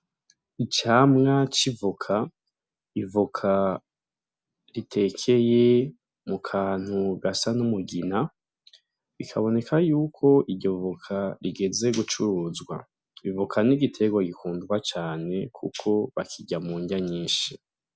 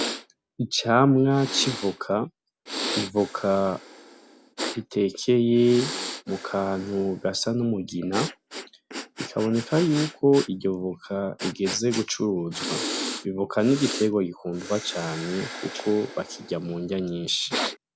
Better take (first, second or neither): first